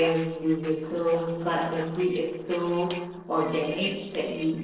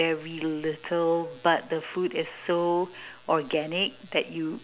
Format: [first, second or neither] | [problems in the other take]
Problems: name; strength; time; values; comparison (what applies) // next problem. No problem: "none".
second | noise reduction (neural separator model SepFormer DNS4)